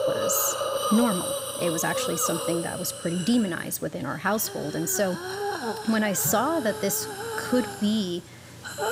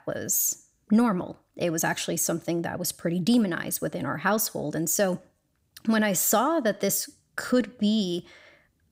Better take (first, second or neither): second